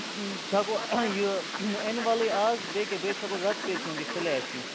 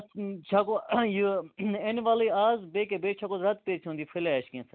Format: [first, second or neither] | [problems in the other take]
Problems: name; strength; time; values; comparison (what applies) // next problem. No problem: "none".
second | background sound (Fowl); 6 dB below the speech